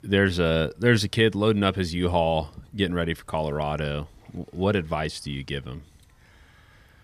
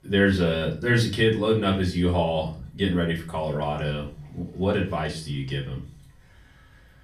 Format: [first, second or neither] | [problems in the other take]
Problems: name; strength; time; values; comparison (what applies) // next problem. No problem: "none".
first | room echo; slight; dies away in 0.3 s // off-mic speech; far